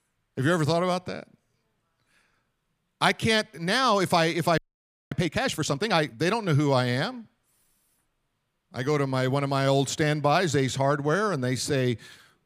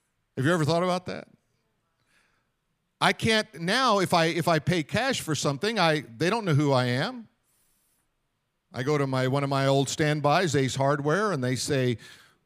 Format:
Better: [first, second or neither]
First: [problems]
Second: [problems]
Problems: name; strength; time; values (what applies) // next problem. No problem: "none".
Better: second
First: audio freezing; at 4.5 s for 0.5 s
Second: none